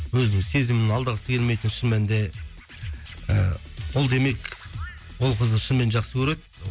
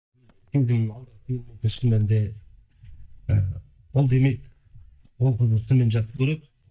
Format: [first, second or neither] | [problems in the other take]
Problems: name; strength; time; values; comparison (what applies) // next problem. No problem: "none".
first | noise reduction (neural mask model DeepFilterNet 3)